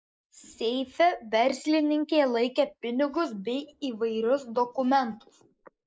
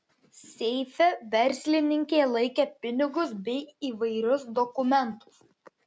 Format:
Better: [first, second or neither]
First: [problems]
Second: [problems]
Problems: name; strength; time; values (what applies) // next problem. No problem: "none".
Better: second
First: noise reduction (neural mask model Resemble Enhance denoiser)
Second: none